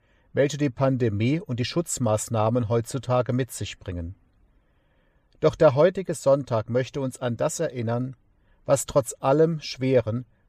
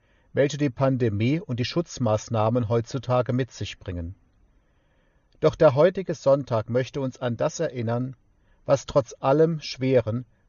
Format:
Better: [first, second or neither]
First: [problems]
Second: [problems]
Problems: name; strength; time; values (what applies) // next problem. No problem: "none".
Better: first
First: none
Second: garbled, watery; slightly; nothing above 6.5 kHz